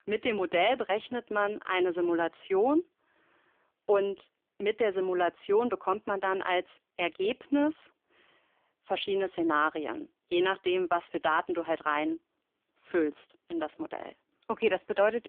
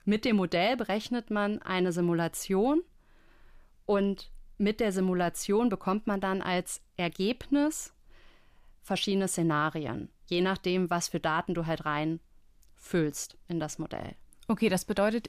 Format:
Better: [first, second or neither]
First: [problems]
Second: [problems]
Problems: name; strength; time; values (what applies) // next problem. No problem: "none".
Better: second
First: phone-call audio; poor line; nothing above 3.5 kHz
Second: none